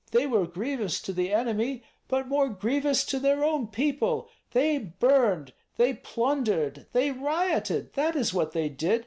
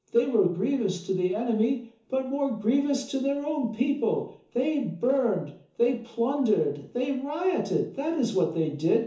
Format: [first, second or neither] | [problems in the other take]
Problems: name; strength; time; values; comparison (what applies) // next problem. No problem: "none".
first | room echo; dies away in 0.6 s